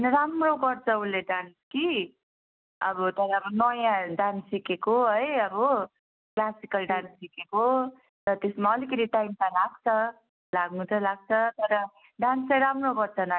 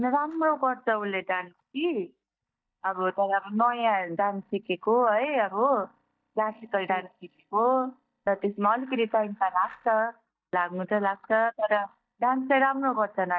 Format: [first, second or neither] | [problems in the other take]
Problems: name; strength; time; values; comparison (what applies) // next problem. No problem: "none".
first | noise reduction (neural mask model DeepFilterNet 3)